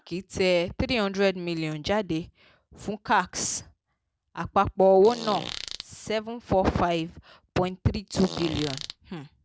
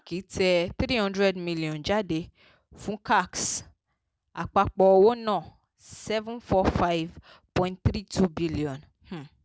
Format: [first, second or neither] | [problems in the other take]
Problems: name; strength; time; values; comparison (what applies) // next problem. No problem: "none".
second | background sound (Fart); 11 dB below the speech